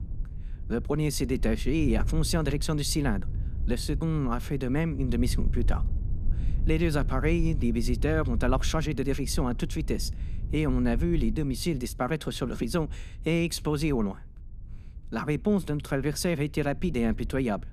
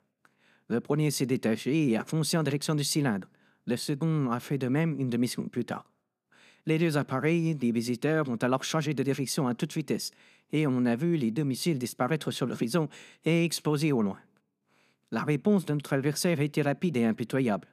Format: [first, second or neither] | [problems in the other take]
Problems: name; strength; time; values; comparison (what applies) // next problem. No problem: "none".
second | low rumble; noticeable; throughout; 20 dB below the speech